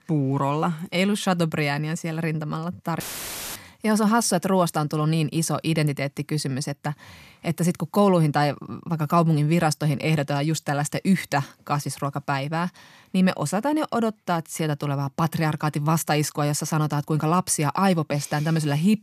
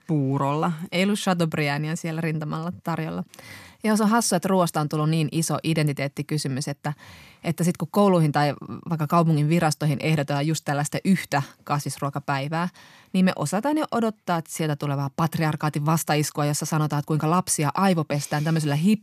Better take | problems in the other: second | audio cutting out; filled with static; at 3 s for 0.5 s

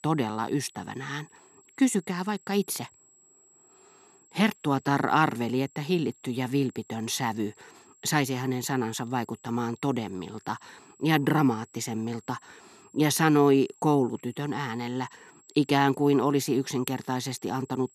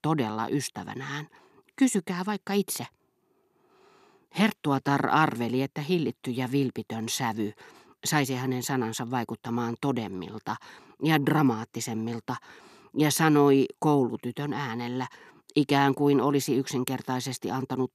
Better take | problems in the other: second | high-pitched whine; faint; throughout; 7.5 kHz, 30 dB below the speech

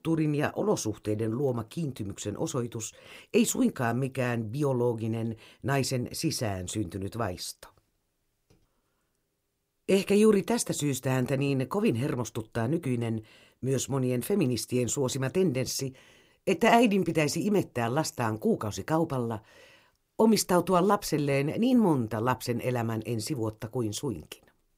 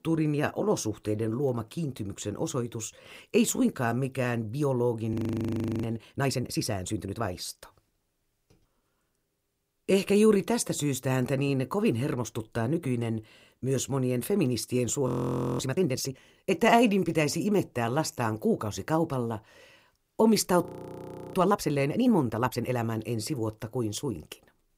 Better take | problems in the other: first | audio freezing; at 5 s for 0.5 s, at 15 s for 0.5 s and at 21 s for 0.5 s

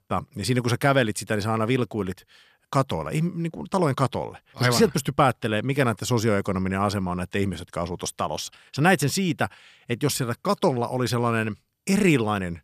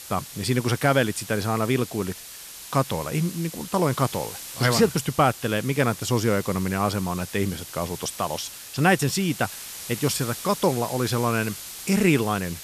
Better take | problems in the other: first | hiss; noticeable; throughout; 10 dB below the speech

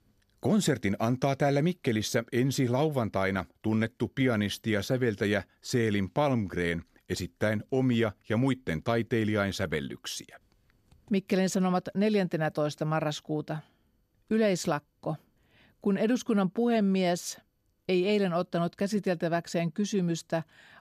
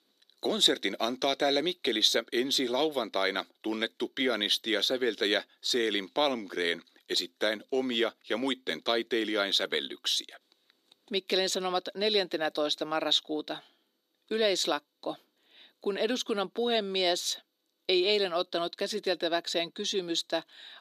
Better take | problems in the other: first | thin; somewhat; fading below 300 Hz

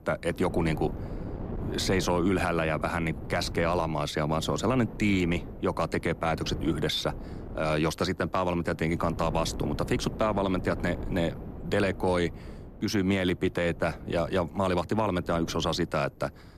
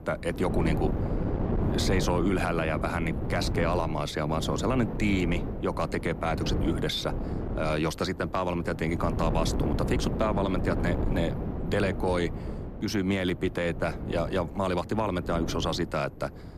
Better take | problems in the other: first | wind noise on the microphone; heavy; 8 dB below the speech; occasional gusts in the first

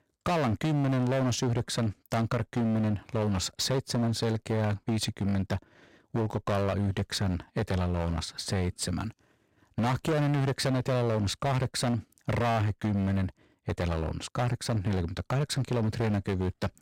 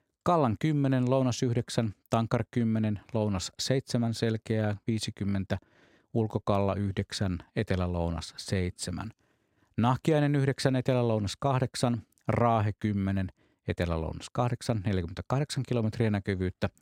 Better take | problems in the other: second | distortion; heavy; 22% of the sound clipped

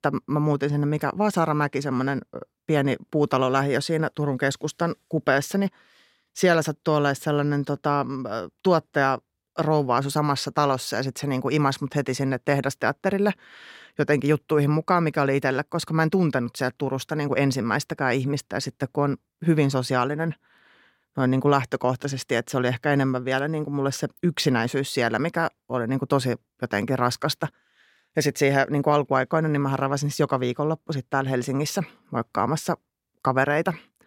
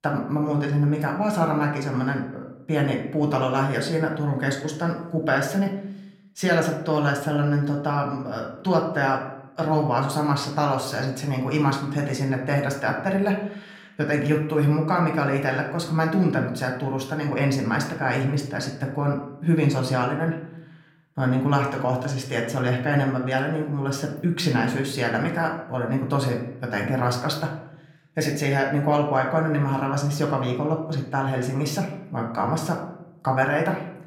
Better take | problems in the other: first | room echo; slight; dies away in 0.6 s // off-mic speech; somewhat distant

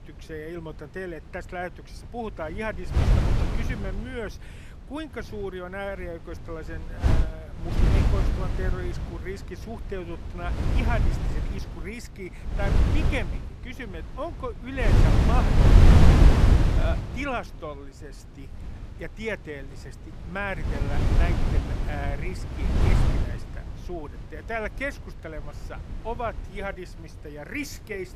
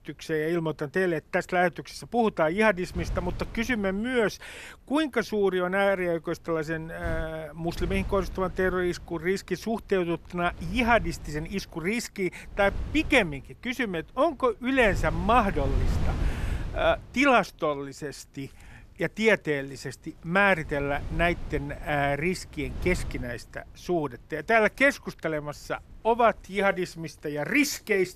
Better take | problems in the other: second | wind noise on the microphone; heavy; 2 dB above the speech; occasional gusts in the second

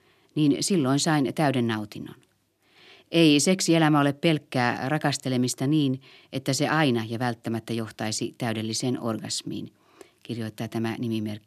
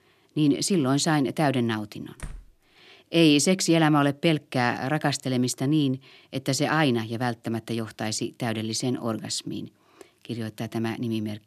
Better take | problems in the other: first | door banging; faint; at 2 s; peak 20 dB below the speech

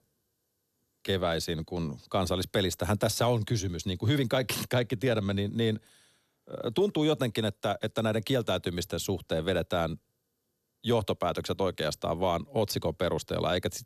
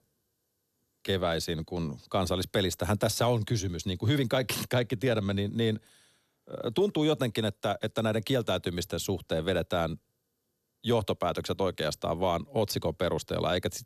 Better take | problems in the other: neither | none

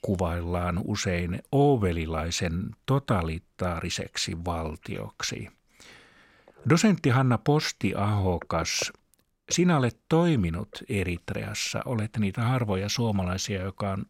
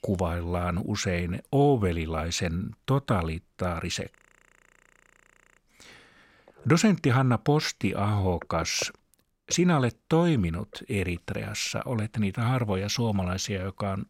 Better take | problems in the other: first | audio freezing; at 4 s for 1.5 s

